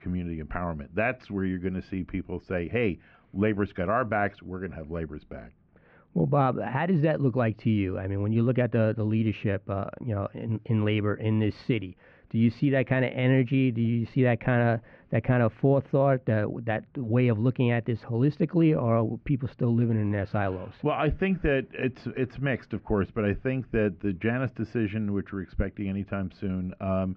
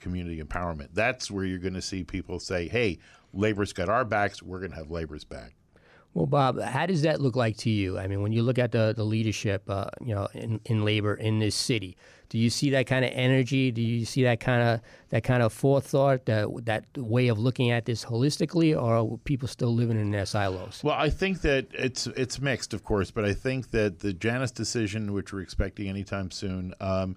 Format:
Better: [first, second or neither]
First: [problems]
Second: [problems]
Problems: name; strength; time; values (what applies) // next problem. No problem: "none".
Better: second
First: muffled; very; fading above 2.5 kHz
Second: none